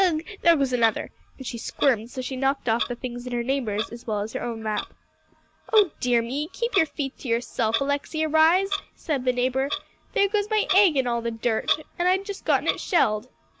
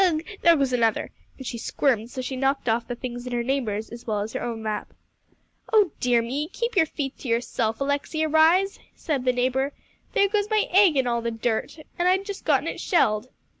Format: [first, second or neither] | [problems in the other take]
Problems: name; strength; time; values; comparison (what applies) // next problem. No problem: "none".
second | background sound (Clock); 12 dB below the speech